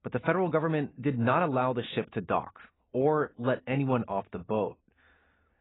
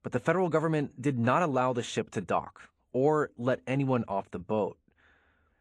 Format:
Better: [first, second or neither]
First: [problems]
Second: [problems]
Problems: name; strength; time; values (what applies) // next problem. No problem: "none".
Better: second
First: garbled, watery; badly; nothing above 4 kHz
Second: garbled, watery; slightly